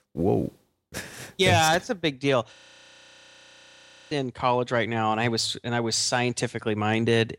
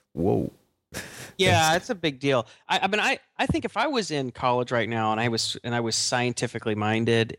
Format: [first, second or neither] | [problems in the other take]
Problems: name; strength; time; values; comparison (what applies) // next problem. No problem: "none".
second | audio freezing; at 2.5 s for 1.5 s